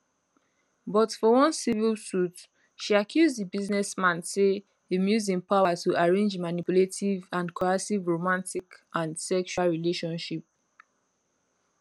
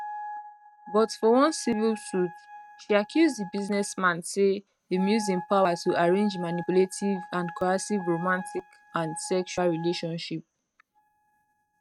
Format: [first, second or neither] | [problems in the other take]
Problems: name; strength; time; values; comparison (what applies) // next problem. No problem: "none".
first | noise reduction (neural mask model RNNoise)